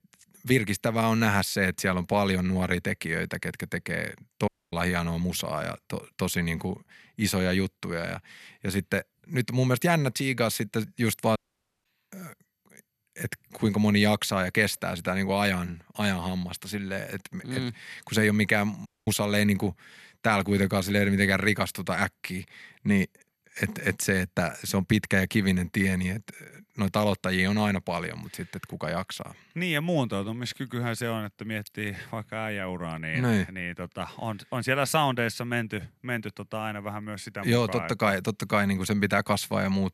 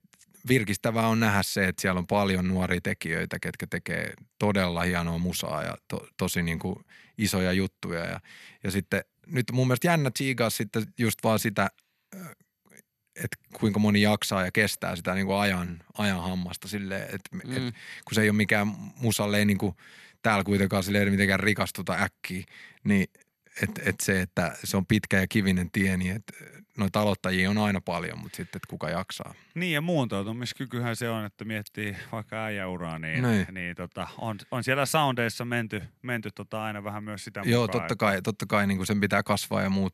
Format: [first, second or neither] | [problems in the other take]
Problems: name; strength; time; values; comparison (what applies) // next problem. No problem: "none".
second | audio cutting out; at 4.5 s, at 11 s and at 19 s